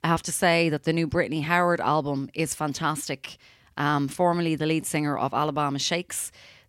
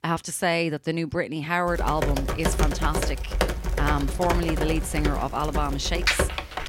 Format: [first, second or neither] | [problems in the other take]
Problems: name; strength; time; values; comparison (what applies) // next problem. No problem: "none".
first | keyboard typing; loud; from 1.5 s on; peak 5 dB above the speech